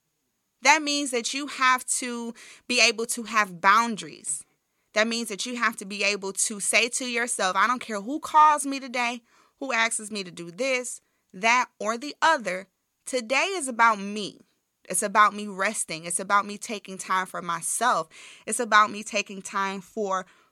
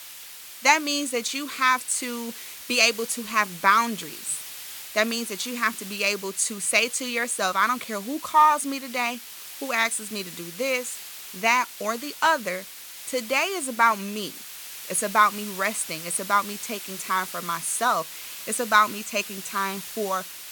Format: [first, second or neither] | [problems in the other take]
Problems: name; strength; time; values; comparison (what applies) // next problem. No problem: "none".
first | hiss; noticeable; throughout; 10 dB below the speech